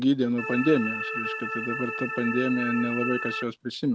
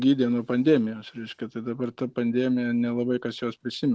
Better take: second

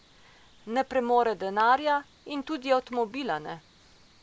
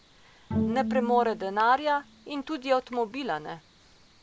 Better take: first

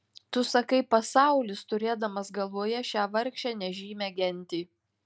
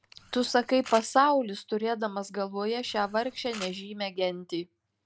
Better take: first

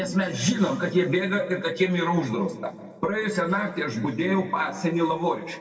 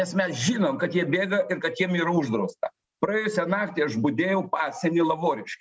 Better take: second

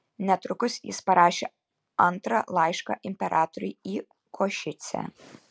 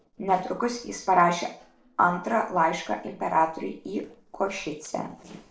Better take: first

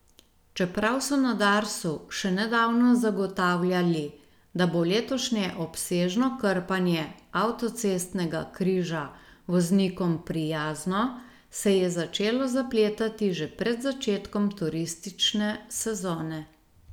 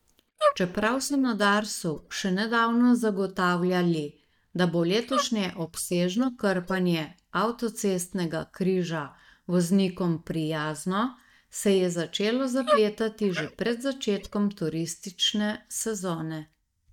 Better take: first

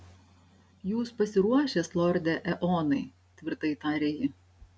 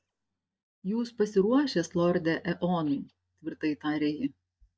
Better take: first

